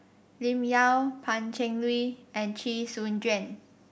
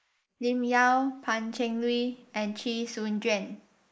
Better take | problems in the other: first | noise reduction (neural mask model Resemble Enhance denoiser)

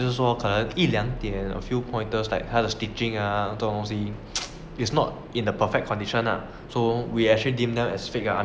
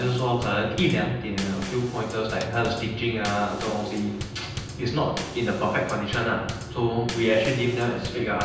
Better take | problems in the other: first | background sound (Bass drum / Snare drum / Drum kit); 10 dB below the speech // room echo; dies away in 0.9 s

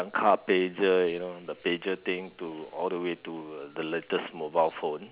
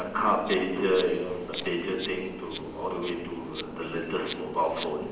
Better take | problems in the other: first | background sound (Insect); 11 dB below the speech // room echo; dies away in 0.9 s

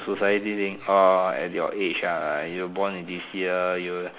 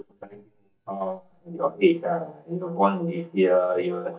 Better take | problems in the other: first | noise reduction (neural mask model DeepFilterNet 3)

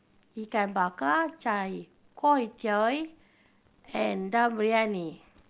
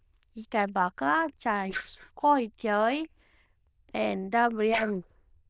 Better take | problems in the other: first | noise reduction (neural diffusion model UNIVERSE++)

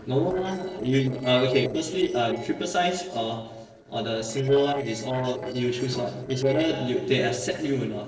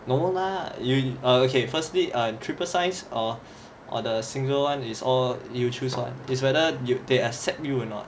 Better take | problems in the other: second | noise reduction (neural separator model SepFormer DNS4)

